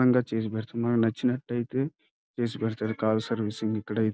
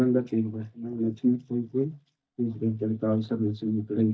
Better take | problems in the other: first | noise reduction (neural mask model DeepFilterNet 3)

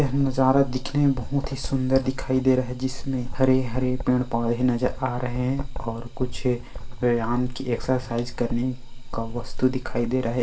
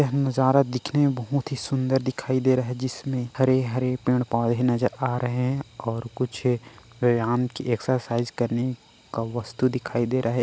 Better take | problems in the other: second | background sound (Writing); 5 dB below the speech // room echo; dies away in 0.7 s

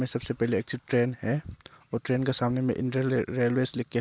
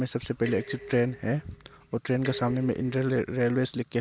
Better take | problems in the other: first | background sound (Dishes, pots, and pans); 16 dB below the speech

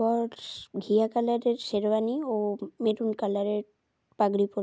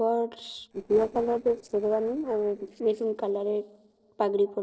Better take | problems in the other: first | noise reduction (neural separator model SepFormer DNS4)

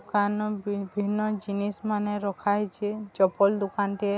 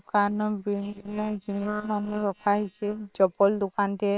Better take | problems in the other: first | noise reduction (neural separator model SepFormer WHAM!)

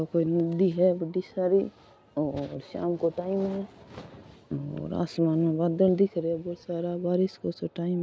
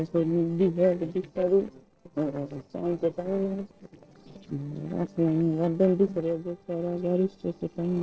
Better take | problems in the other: first | noise reduction (neural separator model SepFormer DNS4)

